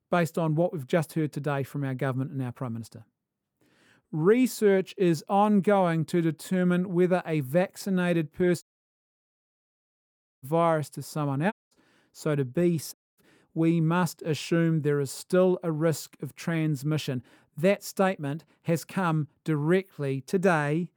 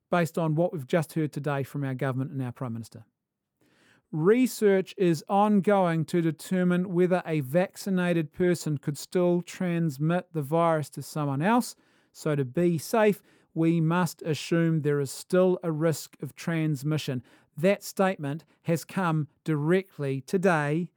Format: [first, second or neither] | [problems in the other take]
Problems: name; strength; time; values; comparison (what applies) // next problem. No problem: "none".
second | audio cutting out; at 8.5 s for 2 s, at 12 s and at 13 s